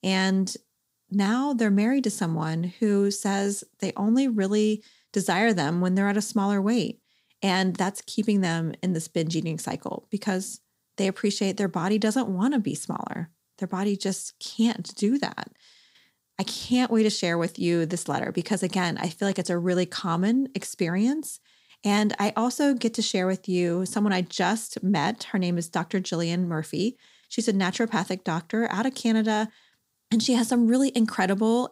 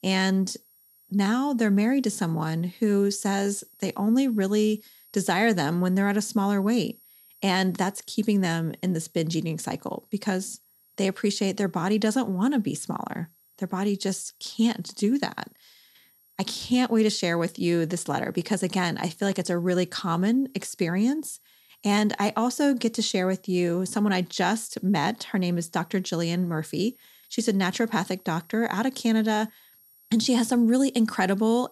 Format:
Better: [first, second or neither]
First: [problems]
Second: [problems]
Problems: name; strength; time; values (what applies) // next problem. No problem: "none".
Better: first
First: none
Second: high-pitched whine; faint; throughout; 11.5 kHz, 30 dB below the speech